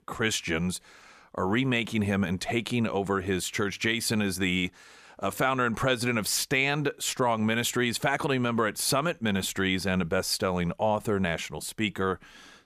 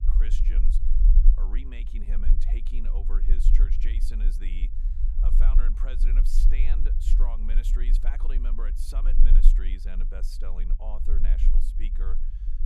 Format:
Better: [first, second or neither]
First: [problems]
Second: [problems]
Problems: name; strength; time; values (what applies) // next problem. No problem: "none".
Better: first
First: none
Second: low rumble; loud; throughout; 5 dB below the speech